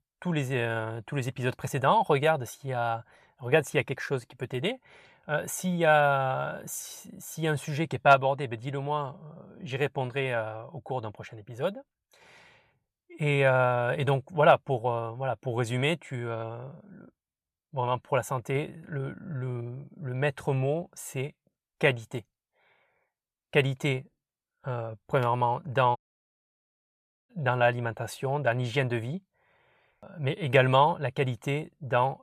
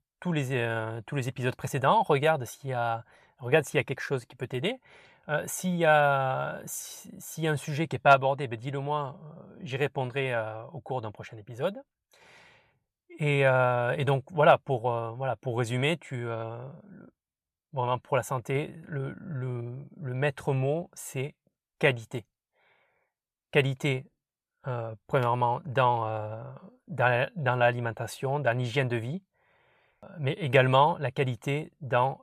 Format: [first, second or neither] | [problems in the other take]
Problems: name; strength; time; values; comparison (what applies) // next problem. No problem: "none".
second | audio cutting out; at 26 s for 1.5 s